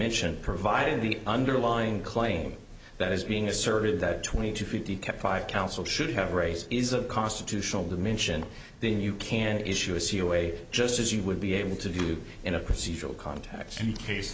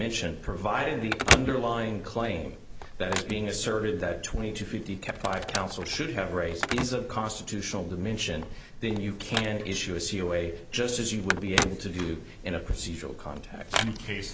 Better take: first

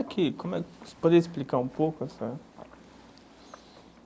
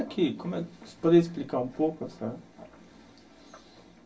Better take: first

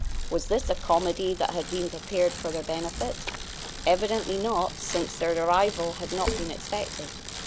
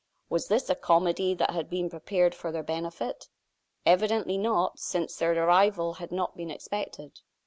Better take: second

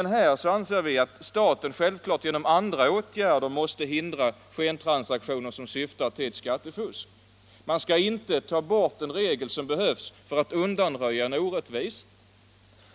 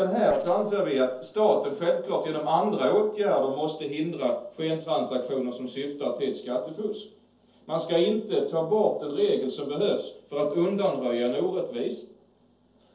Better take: first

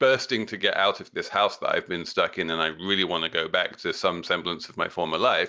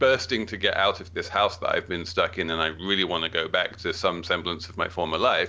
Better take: first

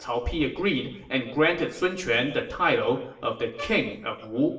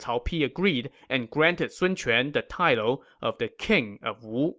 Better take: second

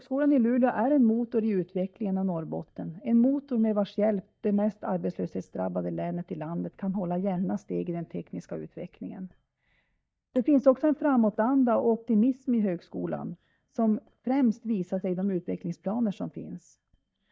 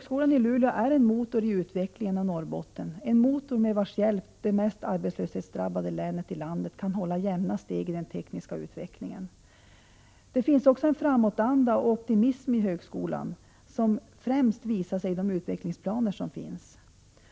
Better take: second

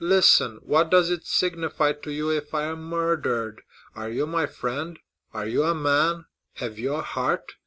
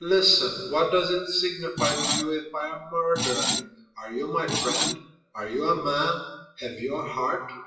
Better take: first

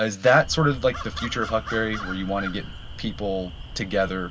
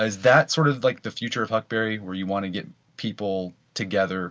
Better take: second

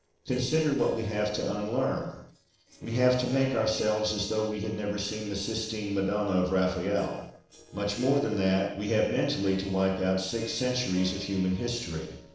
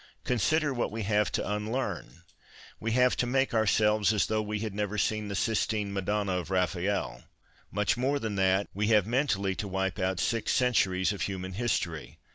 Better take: second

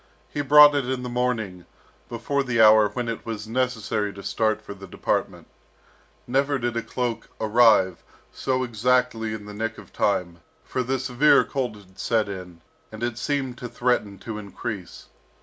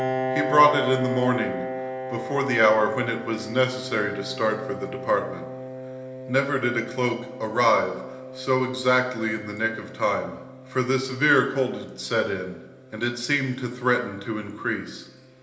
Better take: first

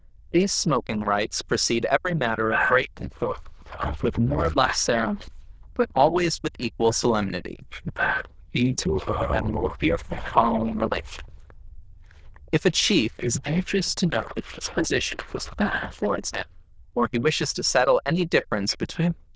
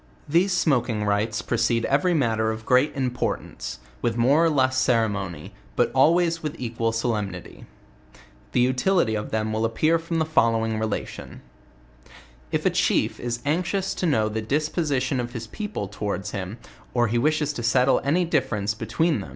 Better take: second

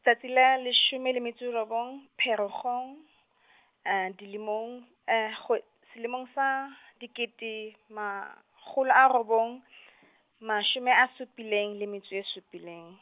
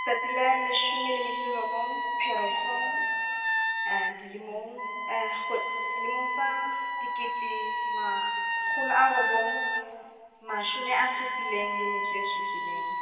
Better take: first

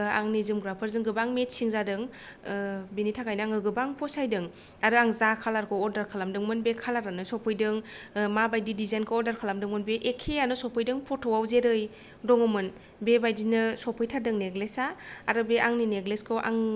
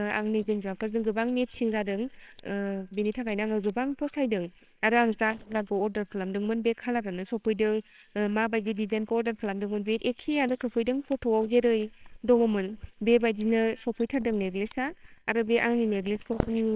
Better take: first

